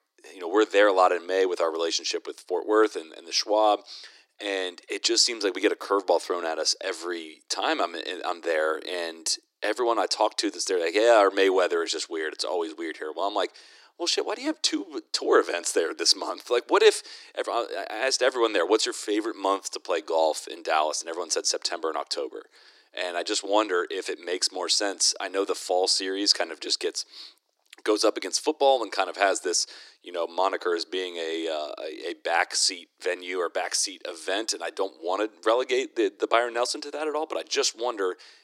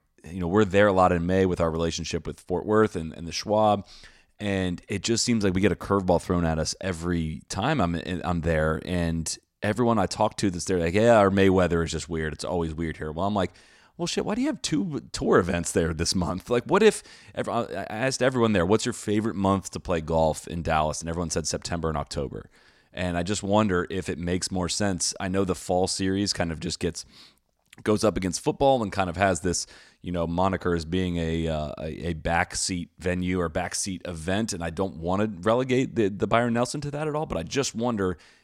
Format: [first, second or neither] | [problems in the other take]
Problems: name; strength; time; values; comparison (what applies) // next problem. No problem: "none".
second | thin; very; fading below 300 Hz